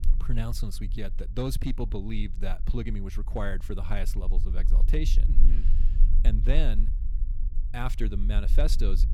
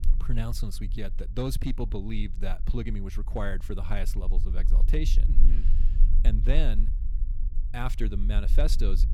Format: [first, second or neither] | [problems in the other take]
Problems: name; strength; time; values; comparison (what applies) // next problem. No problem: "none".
neither | low rumble; noticeable; throughout; 15 dB below the speech; the same in both